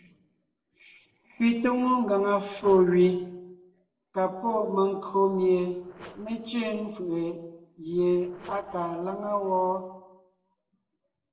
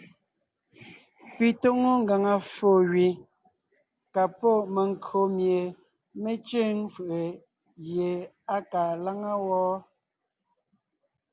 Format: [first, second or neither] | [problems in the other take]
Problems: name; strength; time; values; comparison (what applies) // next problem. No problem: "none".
second | noise reduction (neural separator model SepFormer DNS4)